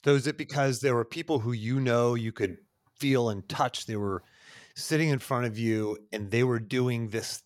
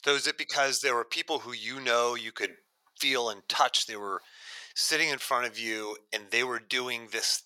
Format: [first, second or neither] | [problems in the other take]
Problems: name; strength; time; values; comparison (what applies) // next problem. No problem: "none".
first | thin; very; fading below 750 Hz